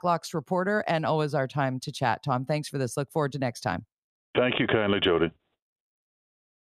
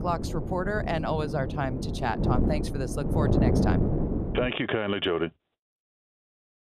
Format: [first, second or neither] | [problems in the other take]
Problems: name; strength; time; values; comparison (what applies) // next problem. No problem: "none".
first | wind noise on the microphone; heavy; until 4.5 s; 4 dB below the speech